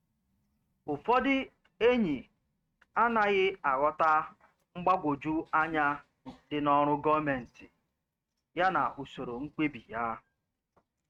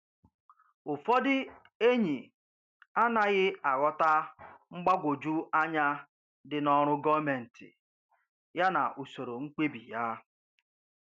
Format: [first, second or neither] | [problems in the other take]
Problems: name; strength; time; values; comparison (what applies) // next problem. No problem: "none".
second | noise reduction (neural mask model RNNoise)